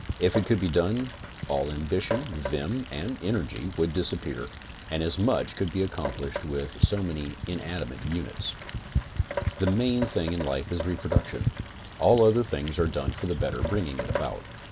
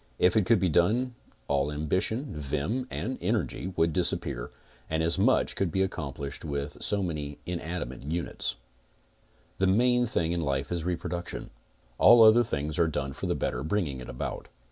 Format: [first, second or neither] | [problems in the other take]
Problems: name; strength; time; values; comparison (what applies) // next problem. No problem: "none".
second | background sound (Rain); 5 dB below the speech